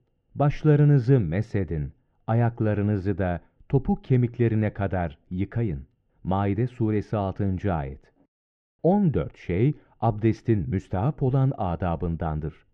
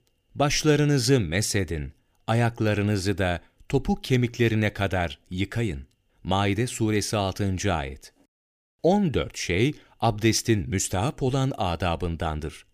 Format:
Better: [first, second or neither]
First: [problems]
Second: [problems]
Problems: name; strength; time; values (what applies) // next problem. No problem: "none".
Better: second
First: muffled; very; fading above 1.5 kHz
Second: none